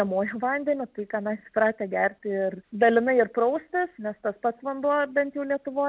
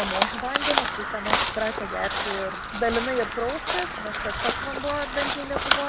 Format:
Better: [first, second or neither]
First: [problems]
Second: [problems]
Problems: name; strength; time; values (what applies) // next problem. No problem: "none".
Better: first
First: none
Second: background sound (Crow); 2 dB above the speech